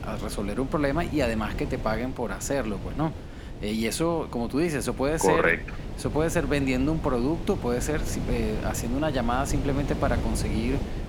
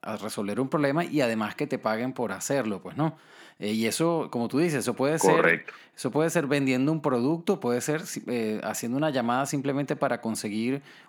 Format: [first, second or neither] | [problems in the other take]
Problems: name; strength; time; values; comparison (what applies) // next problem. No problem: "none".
second | wind noise on the microphone; occasional gusts; 10 dB below the speech